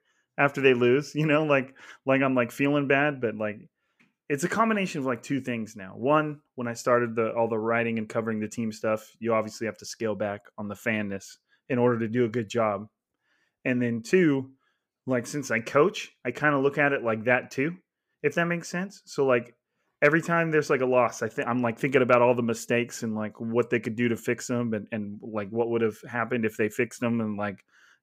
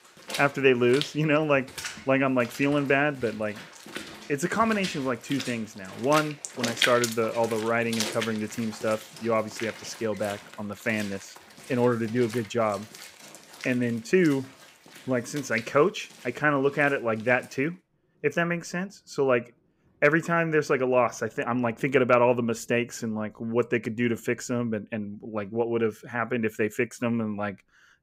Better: first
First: none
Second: rain or running water; noticeable; throughout; 10 dB below the speech

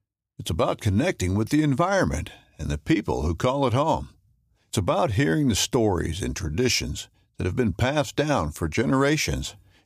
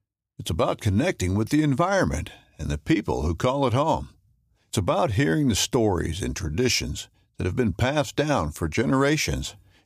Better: neither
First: none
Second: none

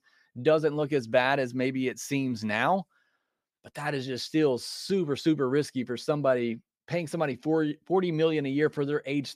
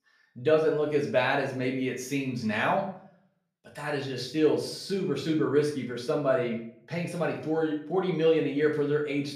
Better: first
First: none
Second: room echo; slight; dies away in 0.4 s // off-mic speech; far

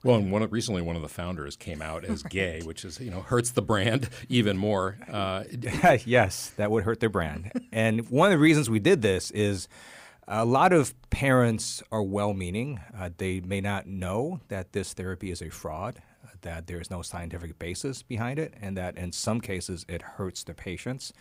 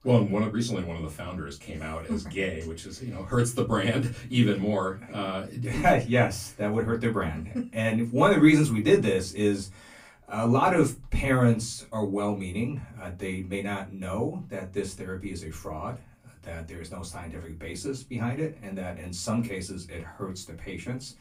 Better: first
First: none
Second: off-mic speech; far // room echo; very slight; dies away in 0.2 s

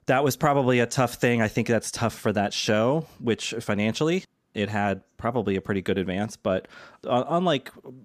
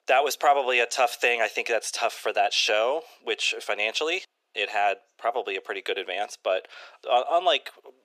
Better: first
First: none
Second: thin; very; fading below 400 Hz

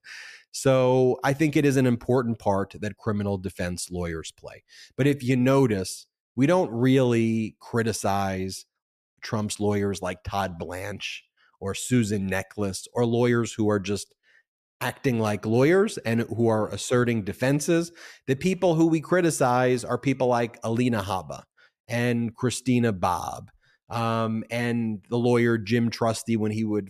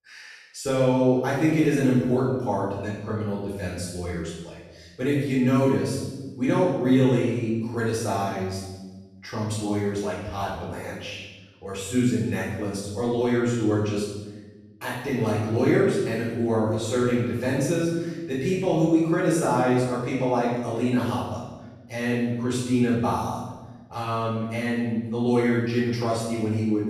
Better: first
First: none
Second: room echo; strong; dies away in 1 s // off-mic speech; far

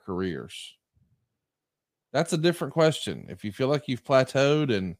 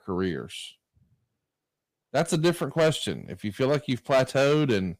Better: first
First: none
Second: distortion; slight; 3% of the sound clipped

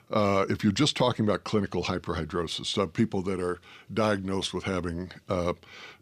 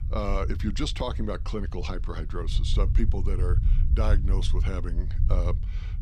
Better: first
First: none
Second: low rumble; noticeable; throughout; 10 dB below the speech

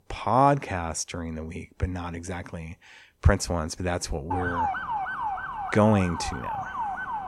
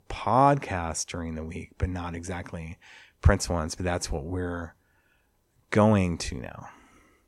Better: second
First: siren; noticeable; from 4.5 s on; peak 1 dB below the speech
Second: none

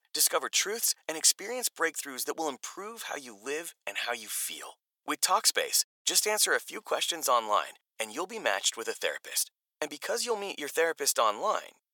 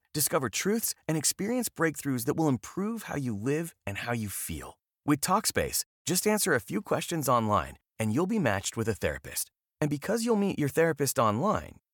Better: second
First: thin; very; fading below 500 Hz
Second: none

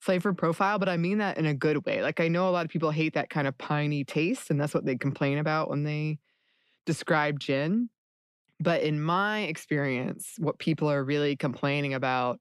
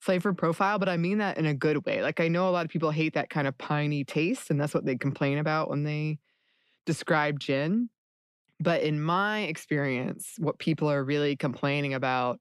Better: neither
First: none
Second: none

